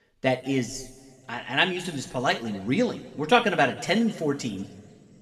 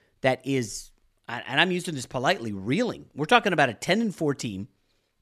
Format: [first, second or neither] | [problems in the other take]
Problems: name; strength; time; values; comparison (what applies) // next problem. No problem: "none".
second | room echo; slight; dies away in 1.6 s // off-mic speech; somewhat distant